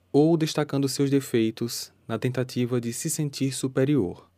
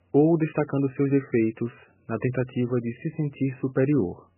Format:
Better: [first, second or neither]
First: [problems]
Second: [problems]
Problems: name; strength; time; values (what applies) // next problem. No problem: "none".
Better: first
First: none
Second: garbled, watery; badly; nothing above 3 kHz